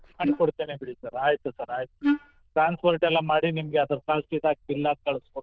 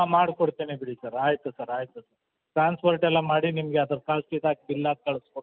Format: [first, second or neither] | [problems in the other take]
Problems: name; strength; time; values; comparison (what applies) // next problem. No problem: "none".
second | noise reduction (neural diffusion model UNIVERSE++)